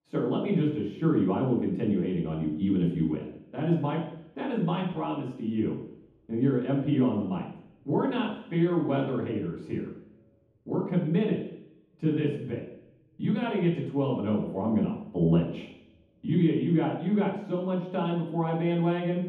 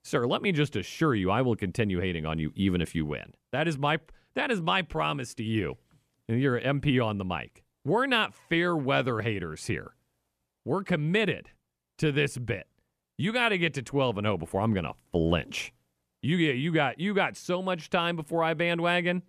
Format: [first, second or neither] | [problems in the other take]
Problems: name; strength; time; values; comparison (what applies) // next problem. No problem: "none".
second | room echo; strong; dies away in 0.9 s // off-mic speech; far